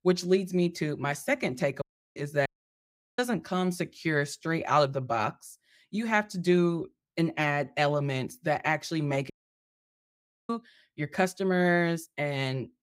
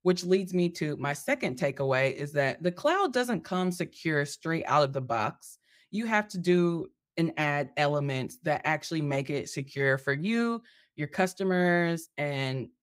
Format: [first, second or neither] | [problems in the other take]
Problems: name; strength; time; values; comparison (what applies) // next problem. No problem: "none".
second | audio cutting out; at 2 s, at 2.5 s for 0.5 s and at 9.5 s for 1 s